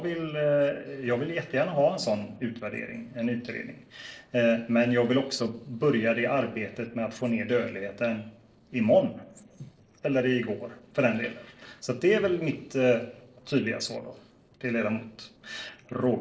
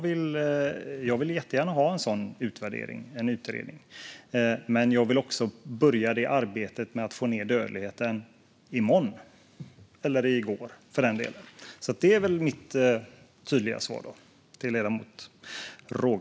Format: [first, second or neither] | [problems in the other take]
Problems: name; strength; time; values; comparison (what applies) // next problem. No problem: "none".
second | noise reduction (neural separator model SepFormer DNS4)